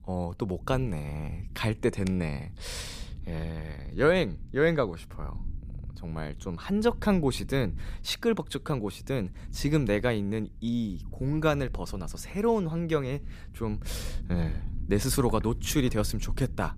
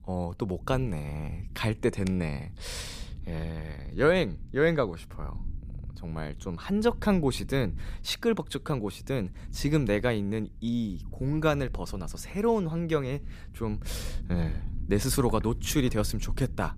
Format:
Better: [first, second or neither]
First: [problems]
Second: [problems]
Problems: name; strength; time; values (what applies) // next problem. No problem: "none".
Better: neither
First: low rumble; faint; throughout; 25 dB below the speech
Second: low rumble; faint; throughout; 25 dB below the speech